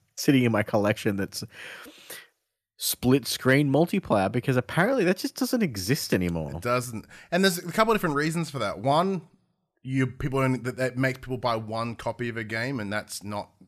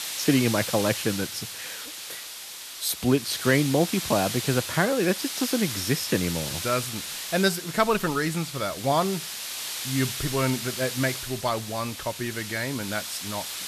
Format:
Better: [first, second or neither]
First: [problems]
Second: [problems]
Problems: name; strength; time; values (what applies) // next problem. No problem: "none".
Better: first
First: none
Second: hiss; loud; throughout; 6 dB below the speech